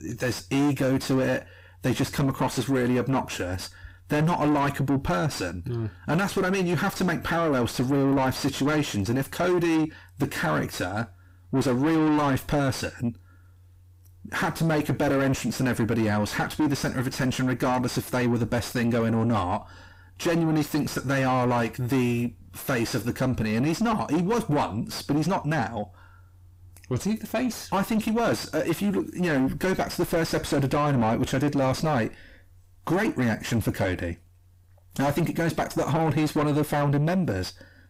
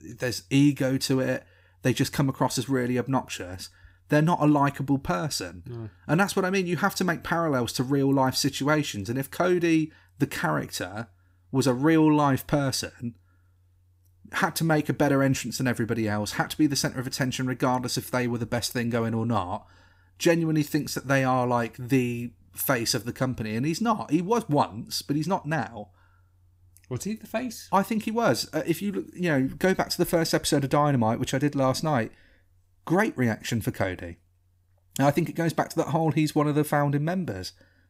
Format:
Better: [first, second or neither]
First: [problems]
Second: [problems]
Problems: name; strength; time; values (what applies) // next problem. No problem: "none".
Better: second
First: distortion; heavy; 5 dB below the speech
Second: none